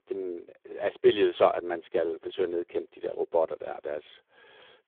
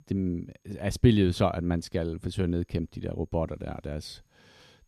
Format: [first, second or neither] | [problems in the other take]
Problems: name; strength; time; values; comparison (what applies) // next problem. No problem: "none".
second | phone-call audio; poor line; nothing above 3.5 kHz